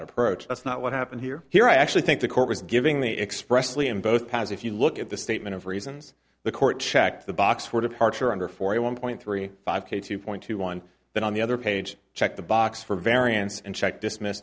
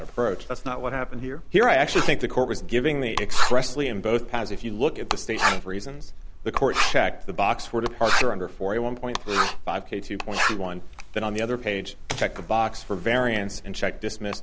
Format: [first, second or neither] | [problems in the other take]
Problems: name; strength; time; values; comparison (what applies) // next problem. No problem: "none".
first | background sound (Writing); as loud as the speech